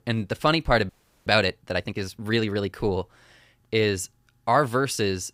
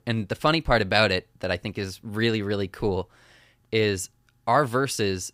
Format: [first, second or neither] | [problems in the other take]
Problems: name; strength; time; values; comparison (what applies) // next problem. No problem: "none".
second | audio freezing; at 1 s